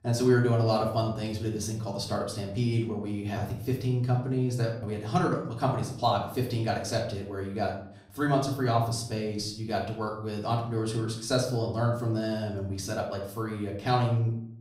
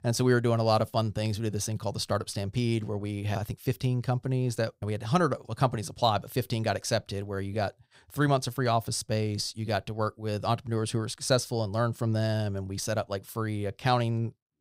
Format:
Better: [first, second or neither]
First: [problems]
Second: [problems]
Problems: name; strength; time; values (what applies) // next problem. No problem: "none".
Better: second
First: off-mic speech; far // room echo; slight; dies away in 0.5 s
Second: none